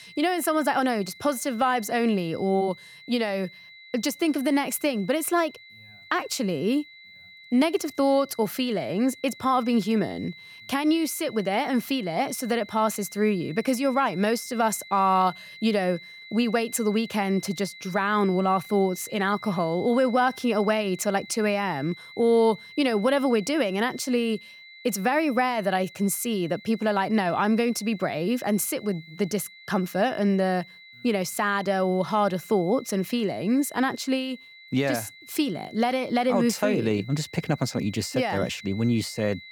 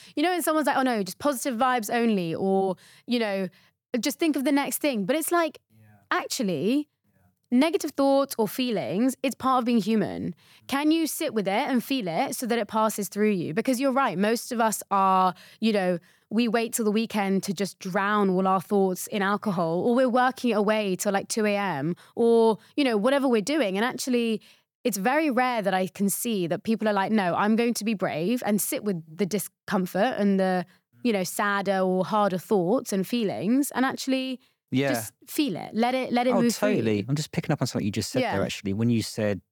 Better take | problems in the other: second | high-pitched whine; noticeable; throughout; 2 kHz, 20 dB below the speech

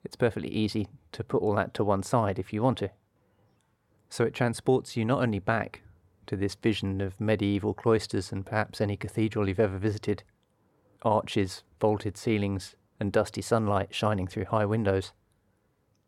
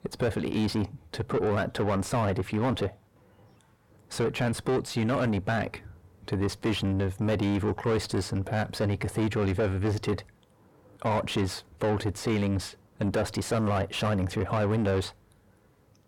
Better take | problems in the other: first | distortion; heavy; 6 dB below the speech

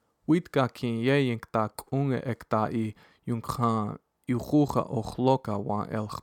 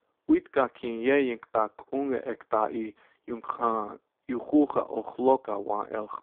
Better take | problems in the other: first | phone-call audio; poor line; nothing above 3.5 kHz

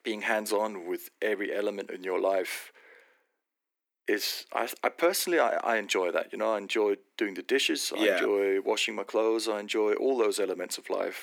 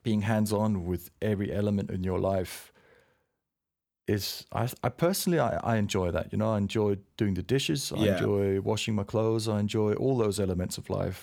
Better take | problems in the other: second | thin; very; fading below 300 Hz

